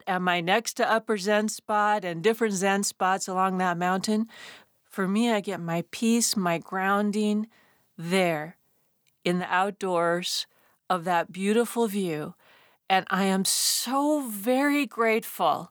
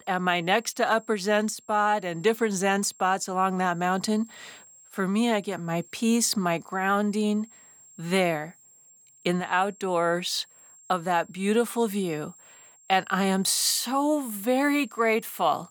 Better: first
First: none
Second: high-pitched whine; faint; throughout; 7.5 kHz, 25 dB below the speech

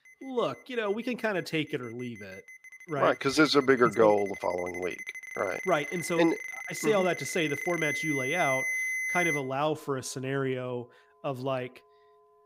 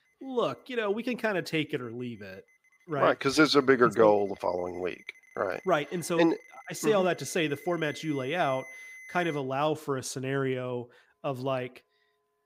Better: second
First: alarms or sirens; loud; throughout; 5 dB below the speech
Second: alarms or sirens; faint; throughout; 20 dB below the speech

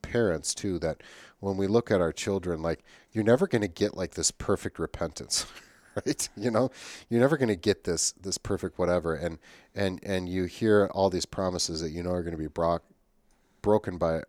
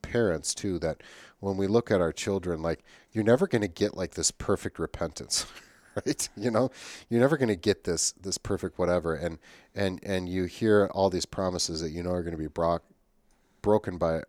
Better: neither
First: none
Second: none

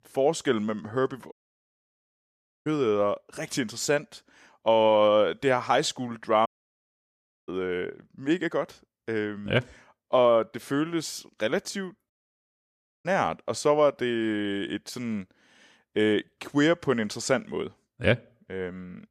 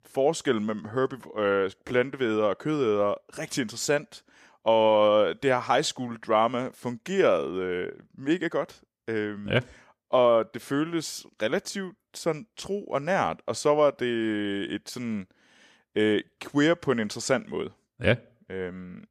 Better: second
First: audio cutting out; at 1.5 s for 1.5 s, at 6.5 s for 1 s and at 12 s for 1 s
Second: none

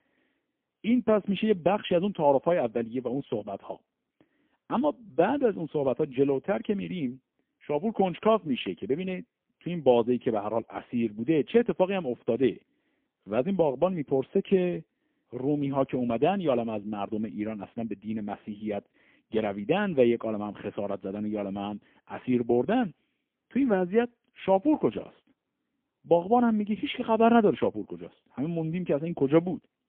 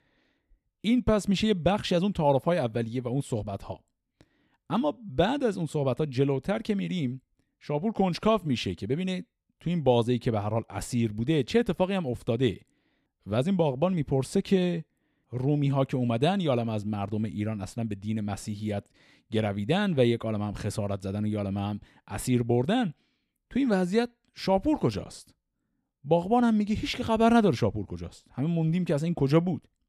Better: second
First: phone-call audio; poor line; nothing above 3.5 kHz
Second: none

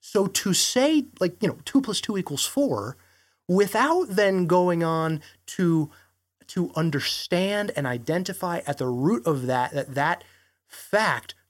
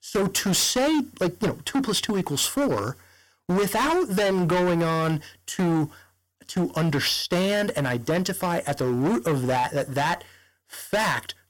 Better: first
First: none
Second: distortion; heavy; 19% of the sound clipped

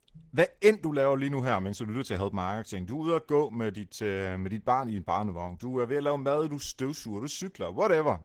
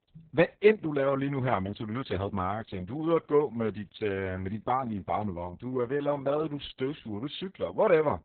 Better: first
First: garbled, watery; slightly; nothing above 17 kHz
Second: garbled, watery; badly; nothing above 4 kHz

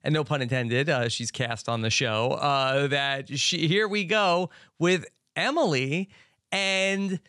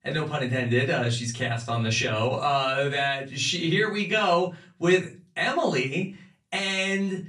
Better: first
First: none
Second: off-mic speech; far // room echo; very slight; dies away in 0.3 s

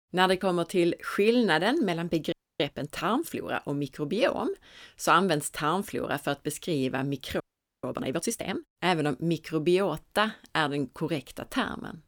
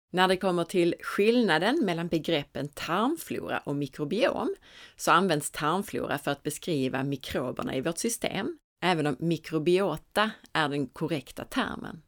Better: second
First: audio freezing; at 2.5 s and at 7.5 s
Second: none

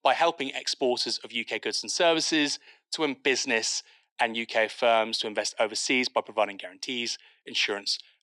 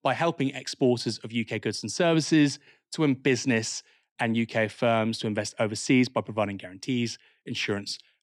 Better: second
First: thin; somewhat; fading below 500 Hz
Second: none

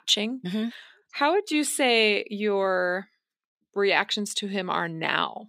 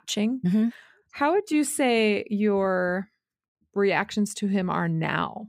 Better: second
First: thin; very slightly; fading below 300 Hz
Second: none

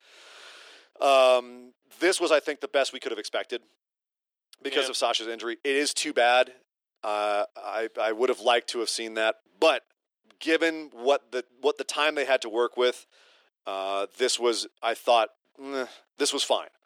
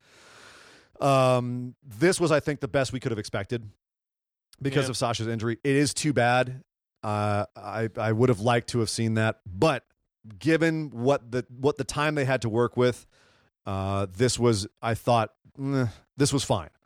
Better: second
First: thin; very; fading below 350 Hz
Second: none

